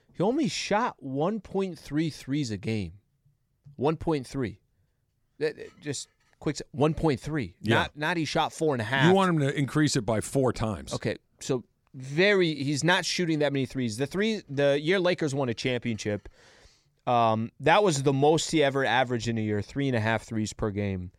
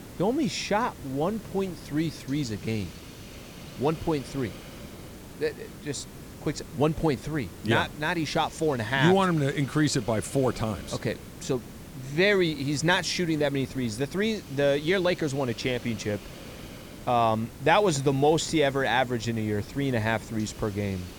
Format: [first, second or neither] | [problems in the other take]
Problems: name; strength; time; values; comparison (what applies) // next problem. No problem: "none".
first | hiss; noticeable; throughout; 15 dB below the speech